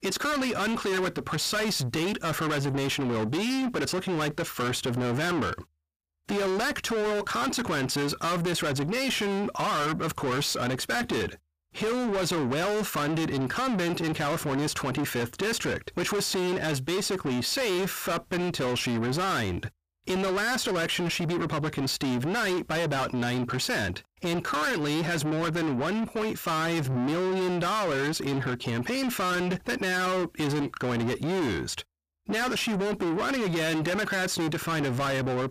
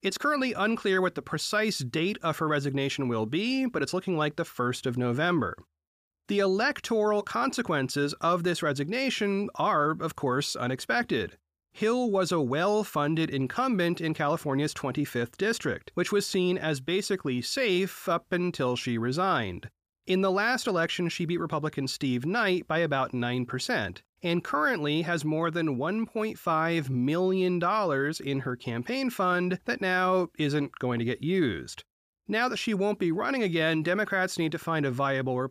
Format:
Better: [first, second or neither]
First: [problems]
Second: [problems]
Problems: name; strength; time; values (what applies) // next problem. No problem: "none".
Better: second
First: distortion; heavy; 6 dB below the speech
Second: none